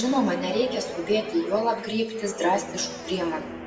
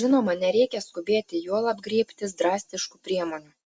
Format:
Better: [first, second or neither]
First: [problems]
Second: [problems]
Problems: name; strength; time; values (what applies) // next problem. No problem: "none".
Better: second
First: background sound (Guitar); 12 dB below the speech // room echo; dies away in 1 s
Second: none